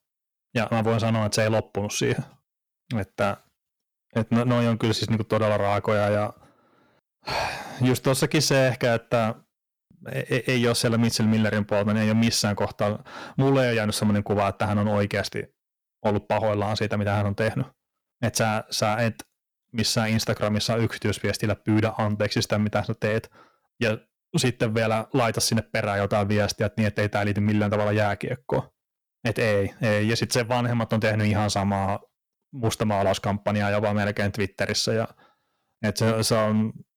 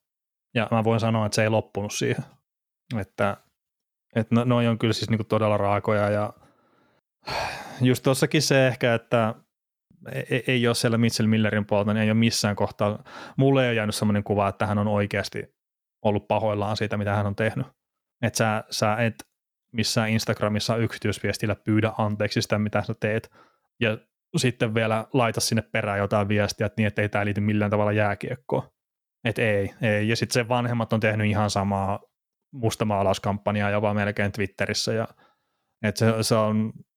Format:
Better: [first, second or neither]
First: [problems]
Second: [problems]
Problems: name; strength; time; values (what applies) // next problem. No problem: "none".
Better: second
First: distortion; slight; 5% of the sound clipped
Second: none